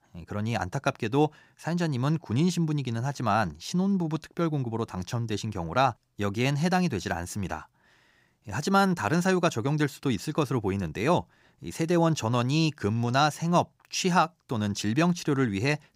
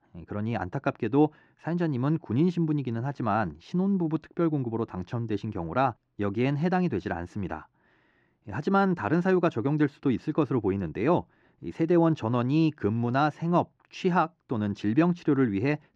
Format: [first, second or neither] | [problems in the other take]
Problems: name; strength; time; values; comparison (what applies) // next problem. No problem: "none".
first | muffled; slightly; fading above 2.5 kHz